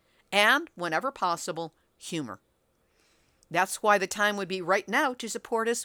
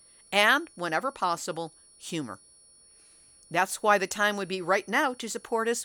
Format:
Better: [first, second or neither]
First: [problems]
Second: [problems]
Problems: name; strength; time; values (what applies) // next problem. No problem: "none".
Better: first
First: none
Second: high-pitched whine; faint; throughout; 10 kHz, 25 dB below the speech